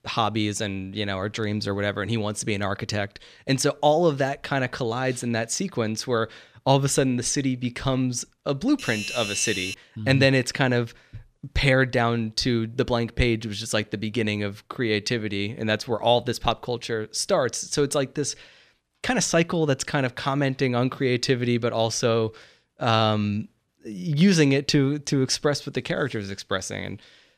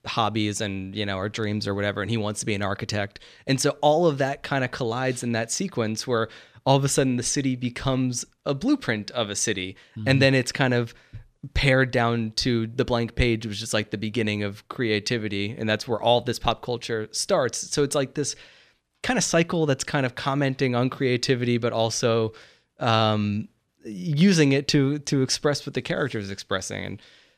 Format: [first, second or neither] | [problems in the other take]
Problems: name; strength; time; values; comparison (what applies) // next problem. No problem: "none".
second | doorbell; noticeable; at 9 s; peak 5 dB below the speech